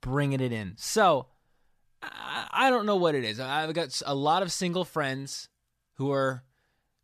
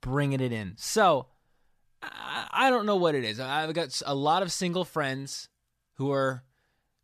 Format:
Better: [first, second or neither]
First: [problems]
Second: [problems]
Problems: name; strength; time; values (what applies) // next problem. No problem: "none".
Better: neither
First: none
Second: none